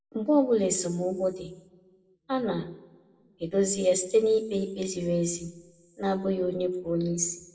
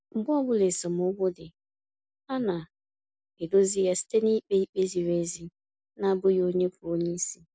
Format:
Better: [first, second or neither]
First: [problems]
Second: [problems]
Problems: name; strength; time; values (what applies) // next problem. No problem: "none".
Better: second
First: room echo; dies away in 0.6 s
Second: none